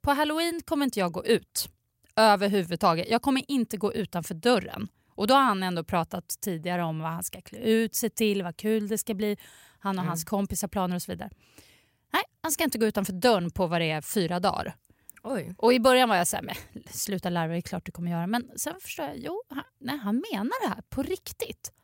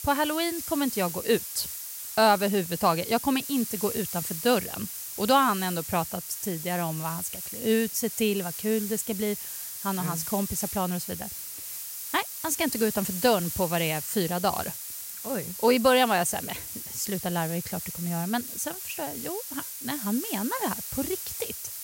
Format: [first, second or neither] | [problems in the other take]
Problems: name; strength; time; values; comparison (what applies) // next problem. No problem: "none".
first | hiss; loud; throughout; 6 dB below the speech